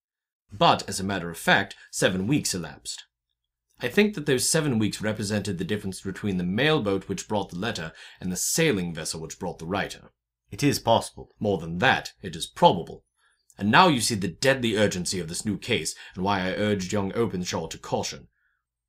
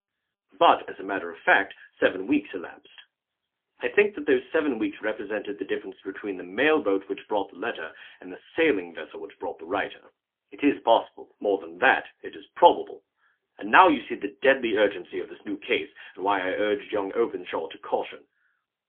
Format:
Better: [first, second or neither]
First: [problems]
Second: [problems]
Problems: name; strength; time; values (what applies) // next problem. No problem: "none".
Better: first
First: none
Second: phone-call audio; poor line; nothing above 3.5 kHz